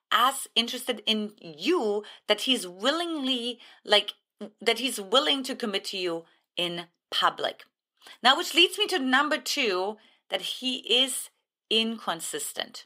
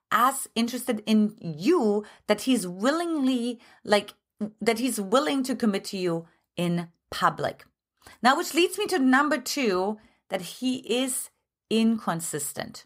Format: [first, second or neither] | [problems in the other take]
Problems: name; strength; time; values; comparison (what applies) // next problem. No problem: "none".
second | thin; very slightly; fading below 350 Hz